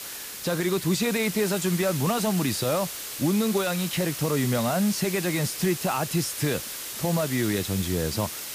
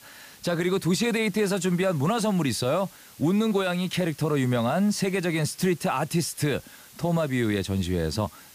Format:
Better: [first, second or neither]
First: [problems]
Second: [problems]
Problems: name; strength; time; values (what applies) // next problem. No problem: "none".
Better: second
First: hiss; loud; throughout; 6 dB below the speech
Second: hiss; faint; throughout; 20 dB below the speech